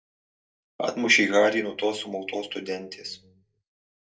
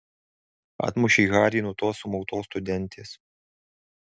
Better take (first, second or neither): second